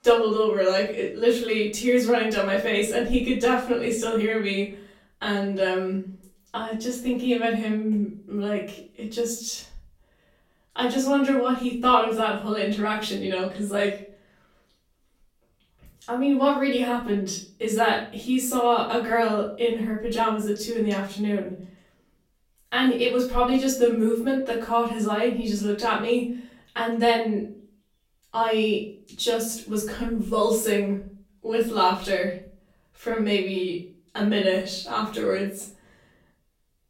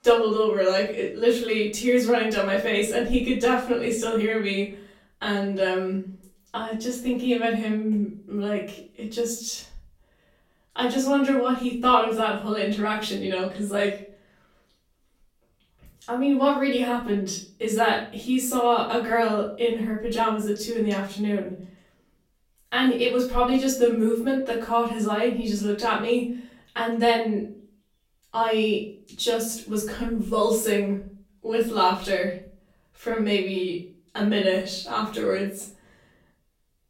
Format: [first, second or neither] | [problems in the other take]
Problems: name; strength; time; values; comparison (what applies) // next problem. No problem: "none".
neither | off-mic speech; far; the same in both // room echo; noticeable; dies away in 0.4 s; the same in both